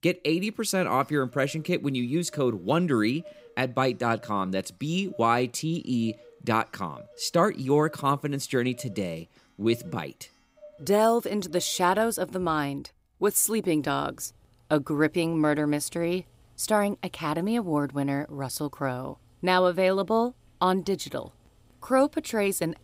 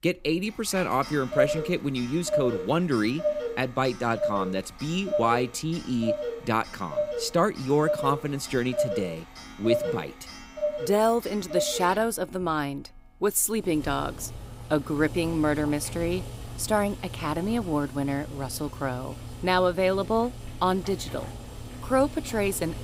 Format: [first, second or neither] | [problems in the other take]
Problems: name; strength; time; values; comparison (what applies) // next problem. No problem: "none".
first | household noises; loud; throughout; 7 dB below the speech; faint in the first